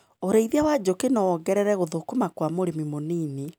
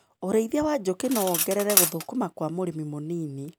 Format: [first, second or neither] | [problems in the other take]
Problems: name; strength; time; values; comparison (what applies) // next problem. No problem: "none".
first | background sound (Cutlery, silverware); 3 dB below the speech